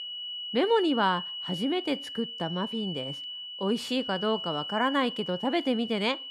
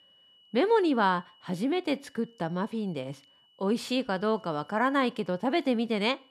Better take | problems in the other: second | high-pitched whine; loud; throughout; 3 kHz, 6 dB below the speech; faint in the second

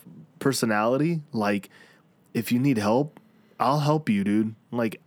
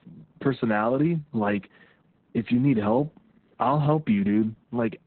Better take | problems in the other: first | garbled, watery; badly; nothing above 4 kHz

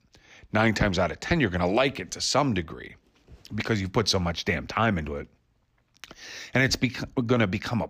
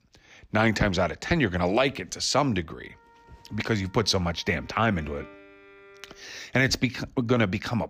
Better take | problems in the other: first | background music; faint; from 3 s on; 25 dB below the speech

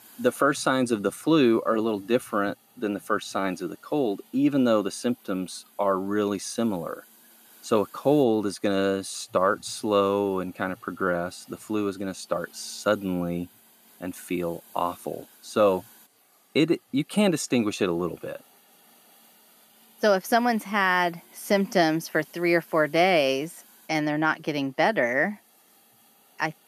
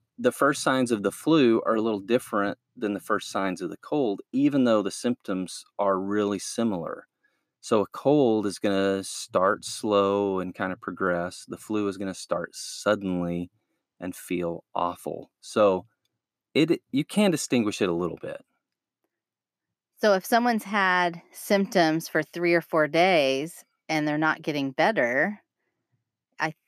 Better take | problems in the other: second | hiss; faint; throughout; 30 dB below the speech

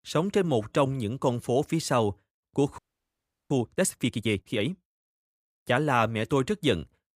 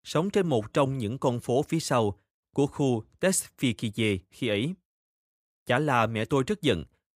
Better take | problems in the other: second | audio freezing; at 3 s for 0.5 s

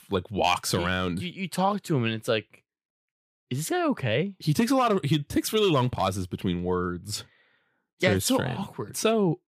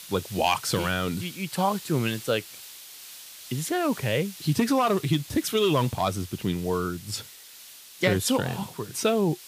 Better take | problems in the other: first | hiss; noticeable; throughout; 15 dB below the speech

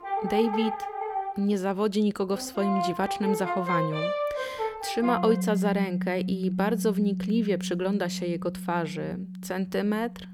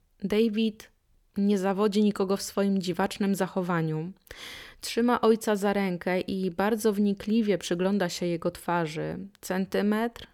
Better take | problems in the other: second | background music; loud; throughout; 3 dB below the speech

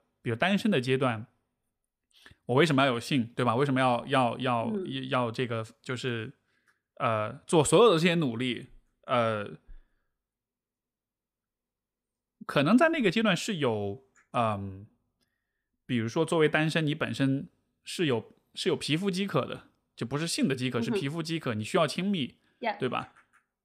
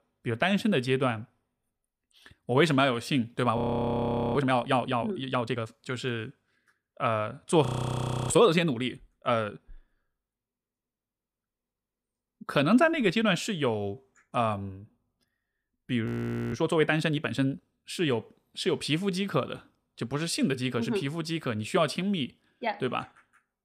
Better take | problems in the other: first | audio freezing; at 3.5 s for 1 s, at 7.5 s for 0.5 s and at 16 s

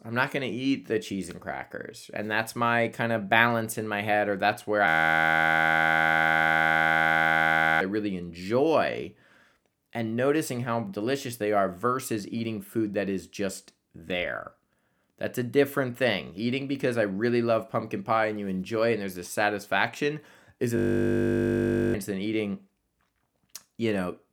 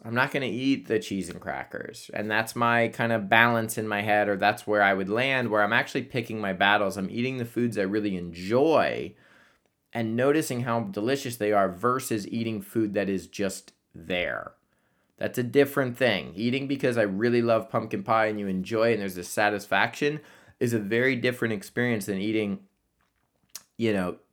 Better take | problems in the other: second | audio freezing; at 5 s for 3 s and at 21 s for 1 s

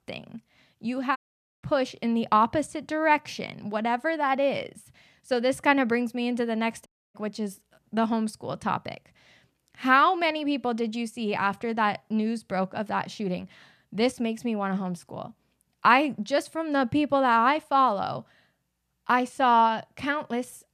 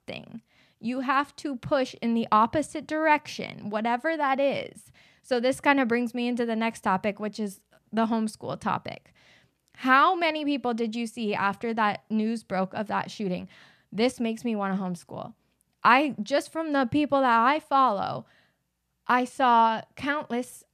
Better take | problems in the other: second | audio cutting out; at 1 s and at 7 s

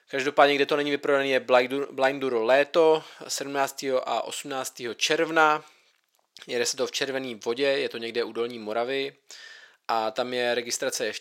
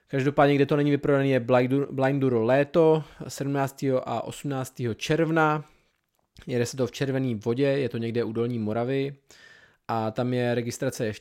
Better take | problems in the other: second | thin; somewhat; fading below 500 Hz

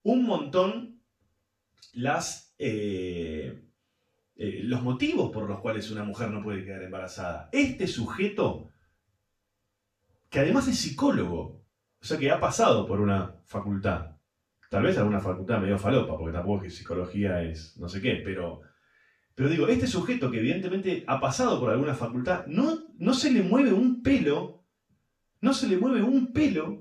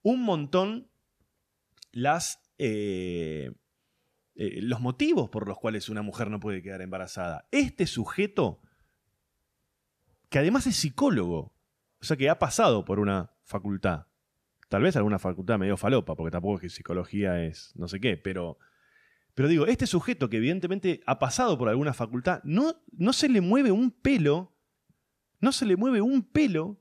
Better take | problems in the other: second | room echo; slight; dies away in 0.3 s // off-mic speech; far

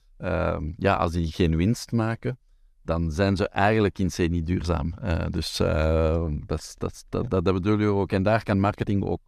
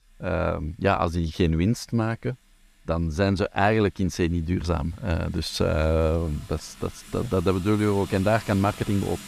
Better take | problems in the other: first | household noises; noticeable; throughout; 20 dB below the speech

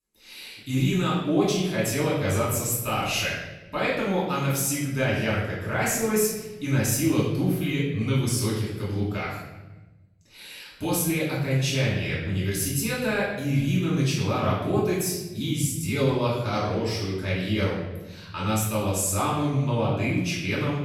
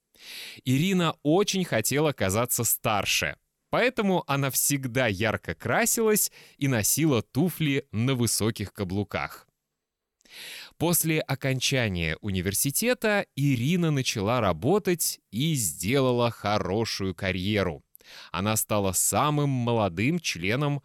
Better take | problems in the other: second | off-mic speech; far // room echo; noticeable; dies away in 1 s

